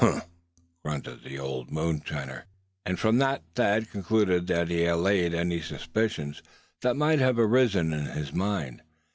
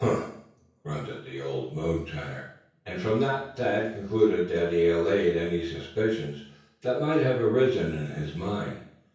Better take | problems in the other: first | room echo; dies away in 0.6 s

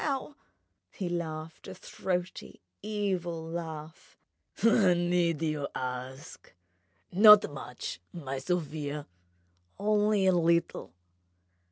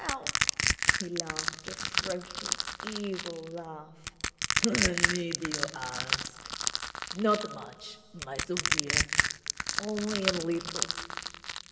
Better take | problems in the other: first | background sound (Crushing); 4 dB above the speech // room echo; dies away in 2.1 s

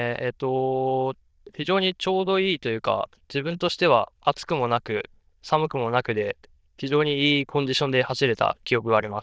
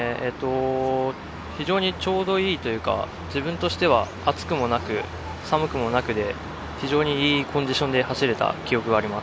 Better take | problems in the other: second | noise reduction (neural diffusion model UNIVERSE++)

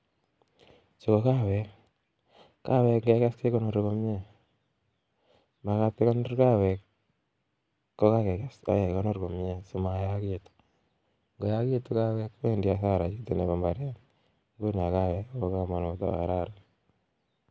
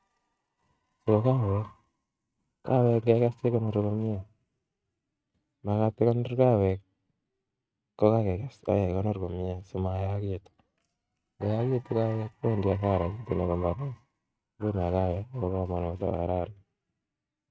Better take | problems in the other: first | noise reduction (neural mask model RNNoise)

